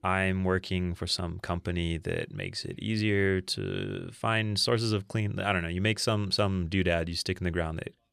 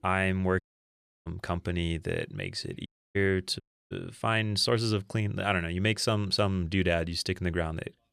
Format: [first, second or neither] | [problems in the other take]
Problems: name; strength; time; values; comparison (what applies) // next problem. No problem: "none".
first | audio cutting out; at 0.5 s for 0.5 s, at 3 s and at 3.5 s